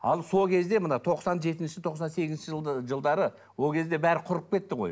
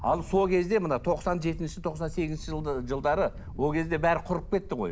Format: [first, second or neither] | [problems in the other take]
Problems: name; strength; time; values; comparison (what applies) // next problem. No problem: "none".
first | background sound (Wind); 12 dB below the speech